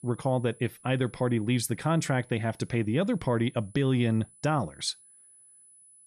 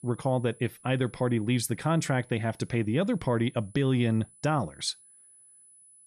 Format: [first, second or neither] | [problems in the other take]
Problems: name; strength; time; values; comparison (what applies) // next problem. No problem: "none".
neither | high-pitched whine; faint; throughout; 10 kHz, 25 dB below the speech; the same in both